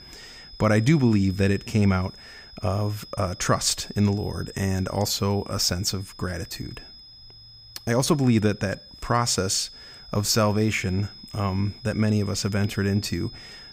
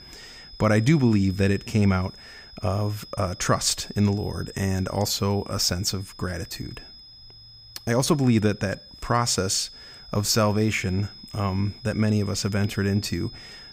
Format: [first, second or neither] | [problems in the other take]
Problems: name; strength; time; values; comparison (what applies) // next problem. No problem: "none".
neither | high-pitched whine; noticeable; throughout; 5 kHz, 20 dB below the speech; the same in both